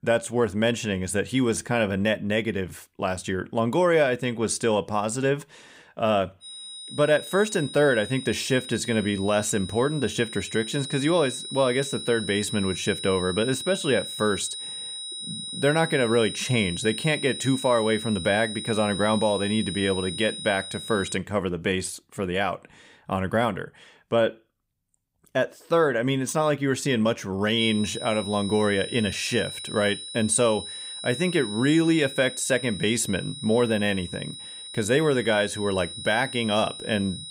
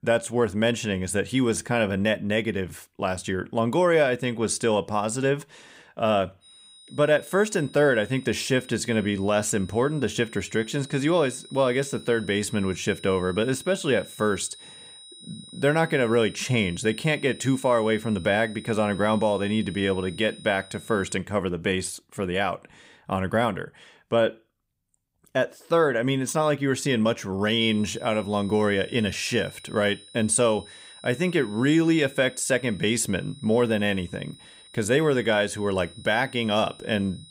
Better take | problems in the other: second | high-pitched whine; loud; from 6.5 to 21 s and from 28 s on; 4 kHz, 9 dB below the speech; faint in the second

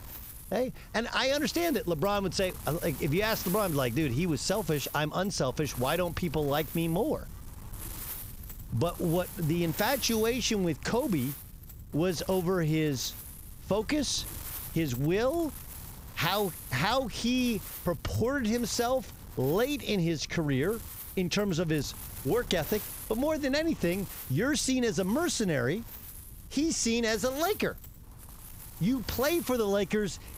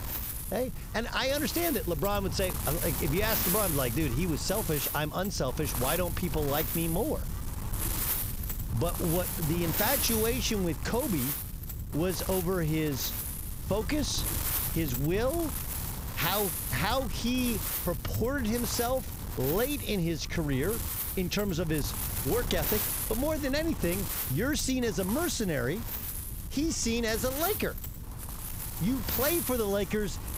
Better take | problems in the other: first | wind noise on the microphone; heavy; 7 dB below the speech; occasional gusts in the first

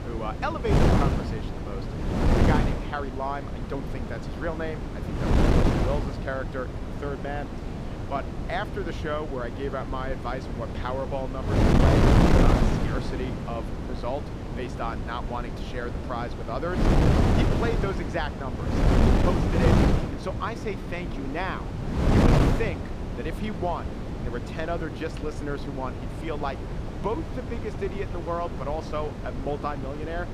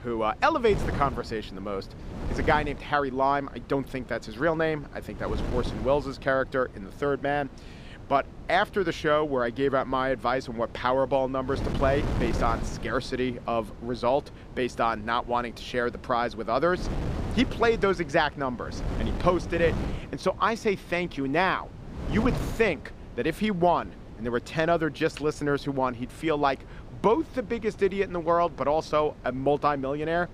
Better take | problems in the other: second | wind noise on the microphone; heavy; 1 dB above the speech; occasional gusts in the second

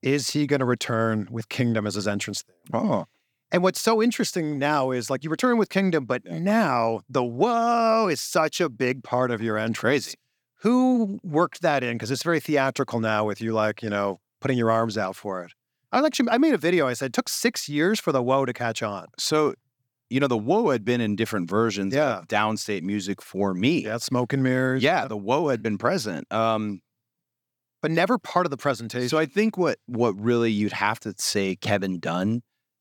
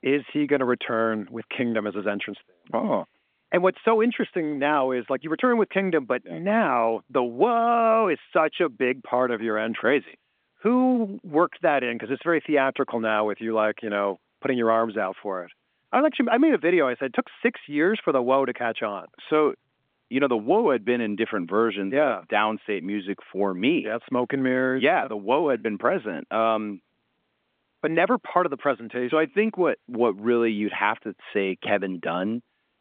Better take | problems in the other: first | phone-call audio; nothing above 3.5 kHz

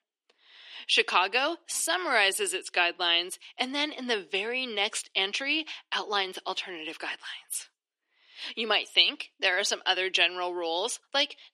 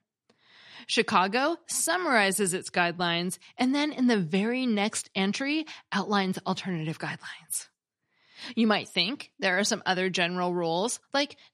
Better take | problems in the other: second | thin; somewhat; fading below 300 Hz

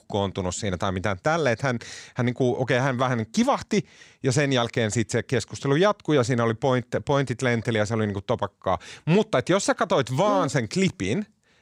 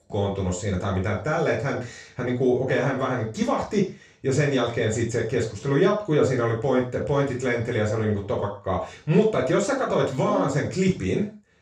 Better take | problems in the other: first | room echo; slight; dies away in 0.3 s // off-mic speech; far

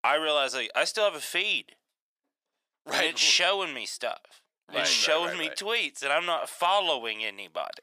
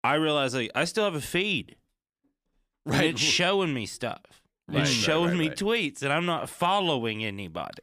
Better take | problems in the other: second | thin; very; fading below 650 Hz

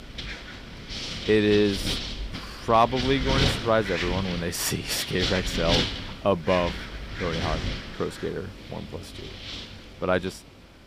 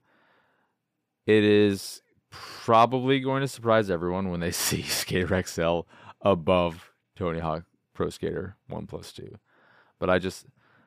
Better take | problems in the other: second | wind noise on the microphone; heavy; 5 dB below the speech

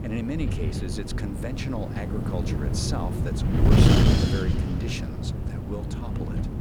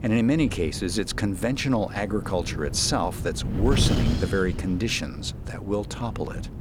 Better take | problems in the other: second | wind noise on the microphone; heavy; 4 dB above the speech; occasional gusts in the second

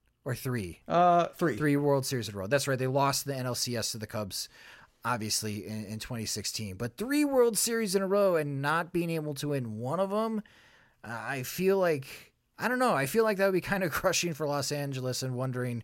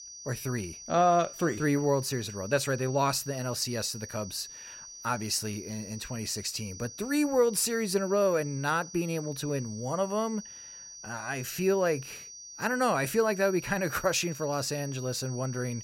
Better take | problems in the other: first | high-pitched whine; noticeable; throughout; 6 kHz, 15 dB below the speech

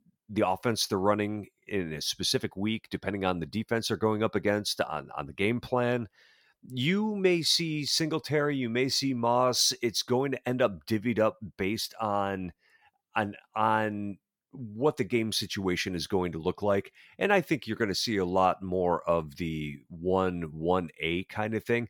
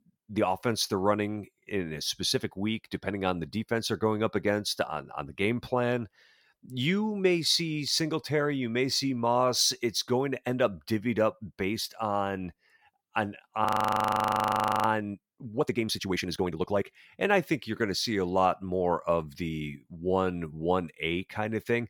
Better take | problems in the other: first | audio freezing; at 14 s for 1 s

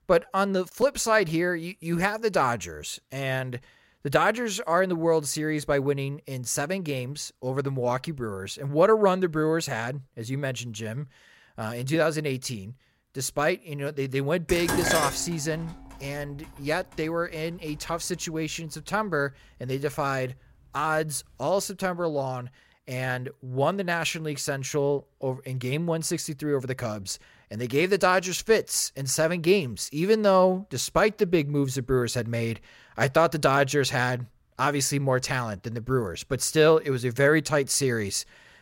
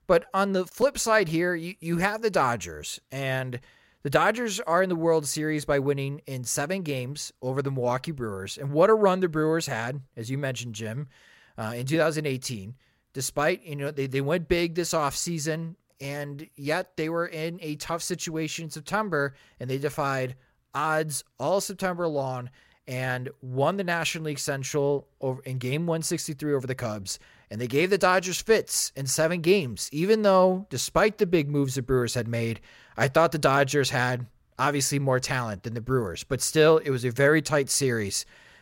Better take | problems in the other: second | clattering dishes; loud; from 14 to 16 s; peak 1 dB above the speech

